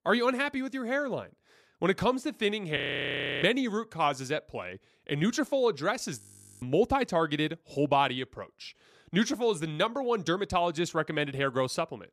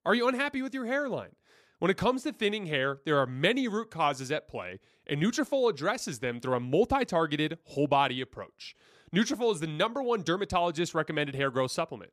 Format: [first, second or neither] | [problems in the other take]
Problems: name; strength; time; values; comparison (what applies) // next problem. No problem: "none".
second | audio freezing; at 3 s for 0.5 s and at 6 s